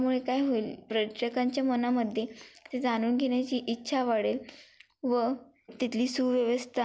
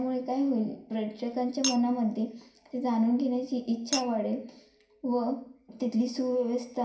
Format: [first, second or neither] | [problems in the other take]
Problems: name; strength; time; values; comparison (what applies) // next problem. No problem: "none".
first | background sound (Chink, clink); 13 dB below the speech // room echo; dies away in 0.5 s